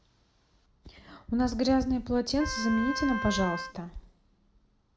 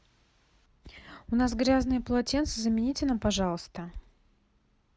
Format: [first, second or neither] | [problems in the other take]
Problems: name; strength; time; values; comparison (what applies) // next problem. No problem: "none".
second | background sound (Wind instrument, woodwind instrument); 7 dB below the speech // room echo; dies away in 0.5 s